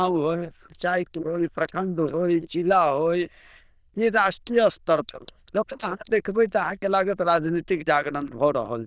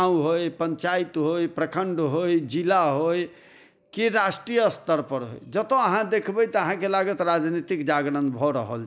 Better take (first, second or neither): second